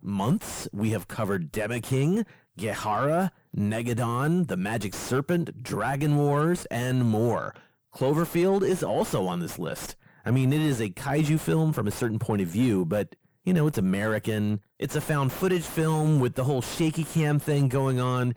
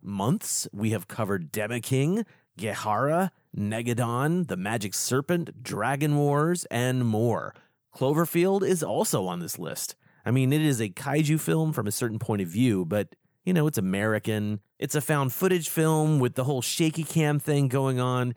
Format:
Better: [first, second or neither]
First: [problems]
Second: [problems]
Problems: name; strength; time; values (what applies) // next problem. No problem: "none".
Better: second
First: distortion; slight; 10 dB below the speech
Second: none